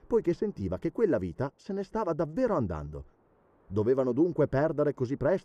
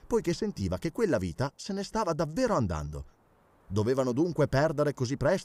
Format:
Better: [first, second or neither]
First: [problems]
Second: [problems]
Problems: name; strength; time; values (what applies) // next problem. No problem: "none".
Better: second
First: muffled; slightly; fading above 3 kHz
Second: none